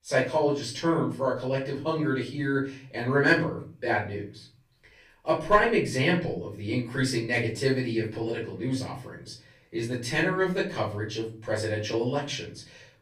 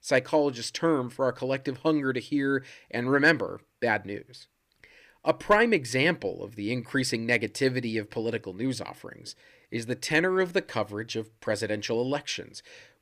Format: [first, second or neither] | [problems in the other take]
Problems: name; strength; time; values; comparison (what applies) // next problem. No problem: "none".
second | room echo; slight; dies away in 0.5 s // off-mic speech; far